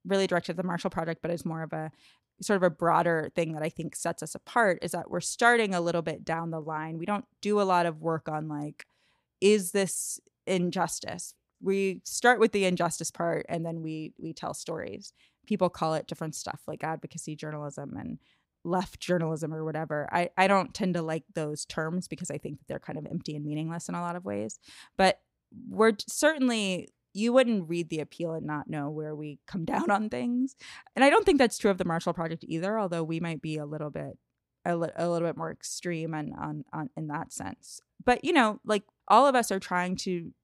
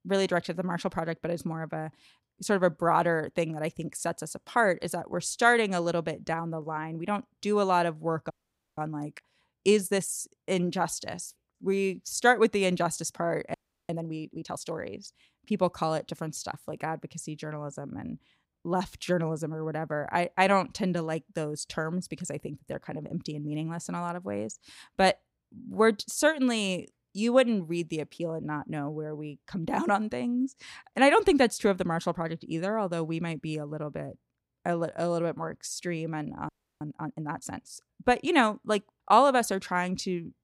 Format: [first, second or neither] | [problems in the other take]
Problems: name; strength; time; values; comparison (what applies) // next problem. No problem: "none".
first | audio freezing; at 8.5 s, at 14 s and at 36 s